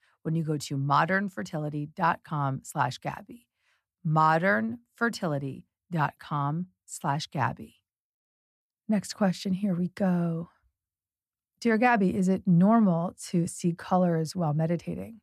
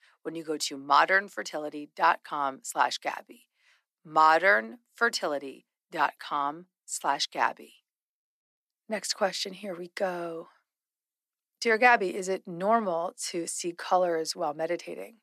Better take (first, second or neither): first